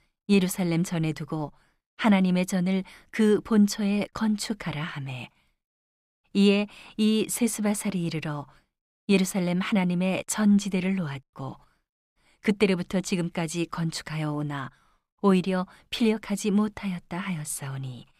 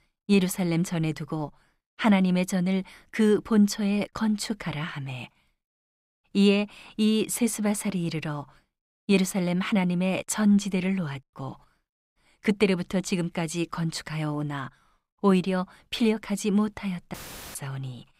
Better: first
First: none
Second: audio cutting out; filled with static; at 17 s

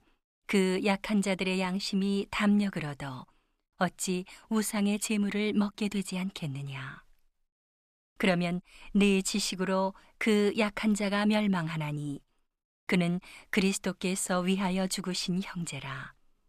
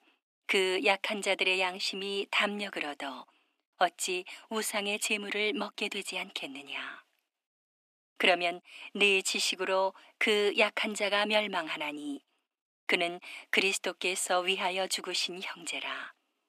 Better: first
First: none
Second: thin; very; fading below 250 Hz

